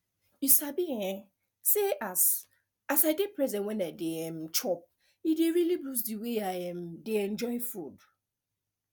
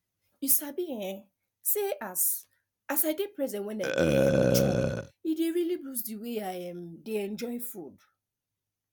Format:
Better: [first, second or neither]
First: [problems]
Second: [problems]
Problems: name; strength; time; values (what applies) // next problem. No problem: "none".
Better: first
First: none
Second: background sound (Burping, eructation); 4 dB above the speech